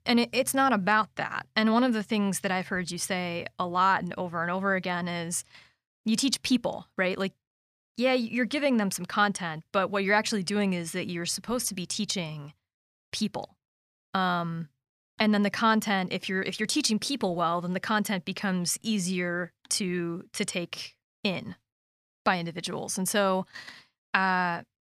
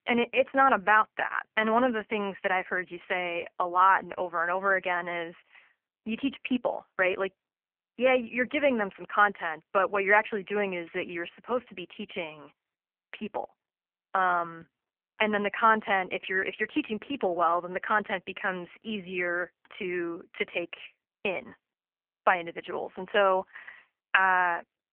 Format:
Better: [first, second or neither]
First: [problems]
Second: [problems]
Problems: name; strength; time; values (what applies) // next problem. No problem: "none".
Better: first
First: none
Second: phone-call audio; poor line; nothing above 3 kHz